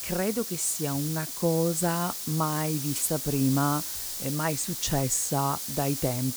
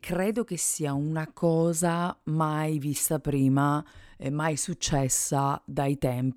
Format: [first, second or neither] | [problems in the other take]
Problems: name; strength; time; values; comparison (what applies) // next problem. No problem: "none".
second | hiss; loud; throughout; 4 dB below the speech